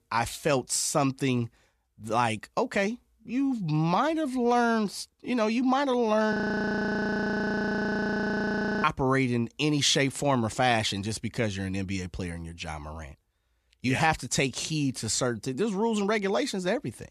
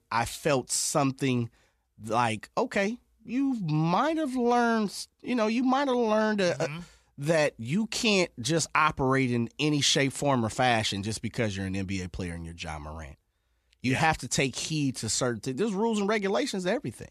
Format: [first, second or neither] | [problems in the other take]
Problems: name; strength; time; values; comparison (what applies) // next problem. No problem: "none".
second | audio freezing; at 6.5 s for 2.5 s